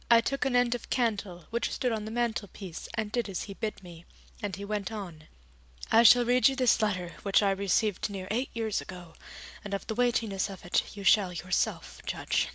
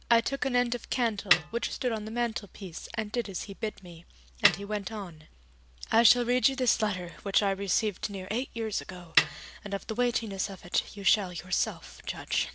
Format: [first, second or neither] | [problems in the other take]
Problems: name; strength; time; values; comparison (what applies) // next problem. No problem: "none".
first | background sound (Snare drum); 1 dB below the speech